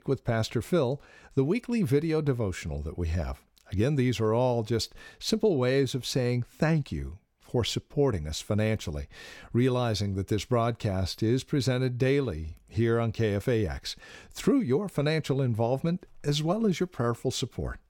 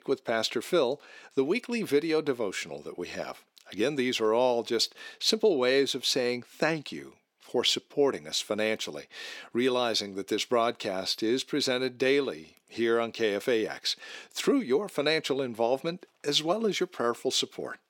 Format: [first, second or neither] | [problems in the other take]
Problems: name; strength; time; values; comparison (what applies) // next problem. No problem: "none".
first | thin; somewhat; fading below 300 Hz